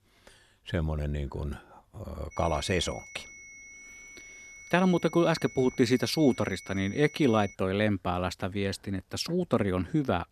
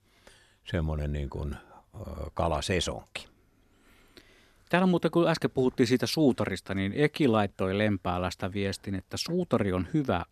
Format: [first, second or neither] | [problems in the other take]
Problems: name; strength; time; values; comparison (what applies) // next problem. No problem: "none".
second | high-pitched whine; noticeable; from 2.5 to 7.5 s; 2 kHz, 20 dB below the speech